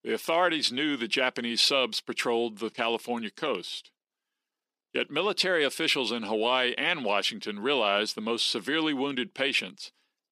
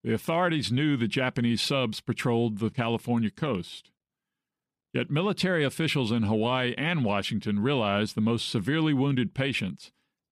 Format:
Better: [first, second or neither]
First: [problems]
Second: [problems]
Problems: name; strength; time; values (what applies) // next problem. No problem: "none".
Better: second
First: thin; somewhat; fading below 350 Hz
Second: none